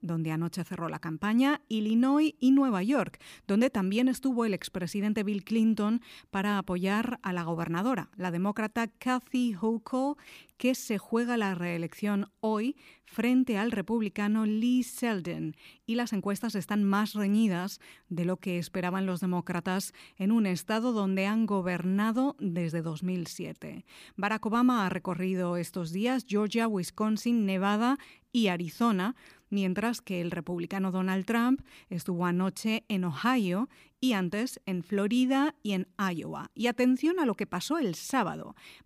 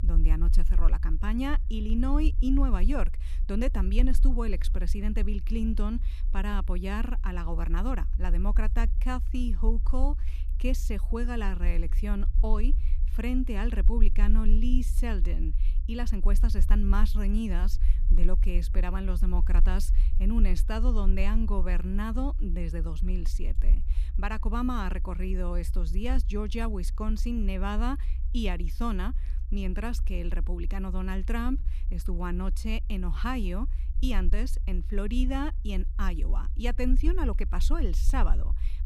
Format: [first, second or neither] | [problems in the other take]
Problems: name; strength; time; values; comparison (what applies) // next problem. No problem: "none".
first | low rumble; noticeable; throughout; 15 dB below the speech